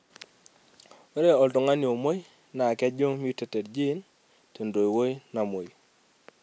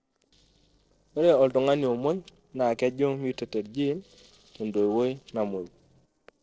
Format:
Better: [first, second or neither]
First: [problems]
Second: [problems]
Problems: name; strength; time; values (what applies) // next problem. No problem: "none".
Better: first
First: none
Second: noise reduction (neural separator model SepFormer DNS4)